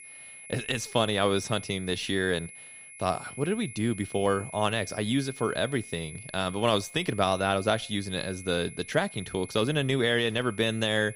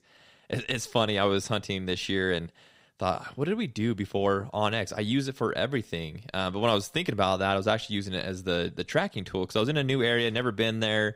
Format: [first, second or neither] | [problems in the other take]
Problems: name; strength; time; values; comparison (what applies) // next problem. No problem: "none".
second | high-pitched whine; noticeable; throughout; 2 kHz, 15 dB below the speech